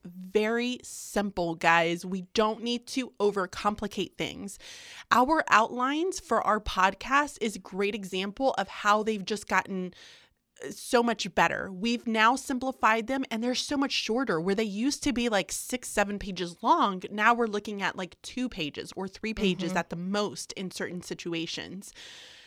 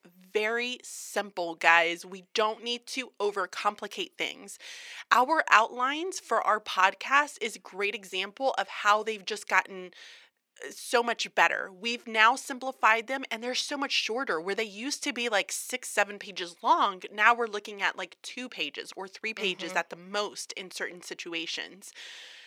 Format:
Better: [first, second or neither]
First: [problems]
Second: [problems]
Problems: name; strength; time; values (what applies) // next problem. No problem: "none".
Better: first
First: none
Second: thin; somewhat; fading below 450 Hz